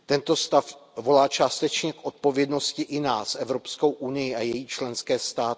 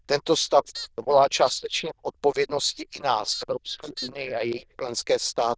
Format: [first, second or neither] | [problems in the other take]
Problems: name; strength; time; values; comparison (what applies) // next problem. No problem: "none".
first | noise reduction (neural diffusion model UNIVERSE++)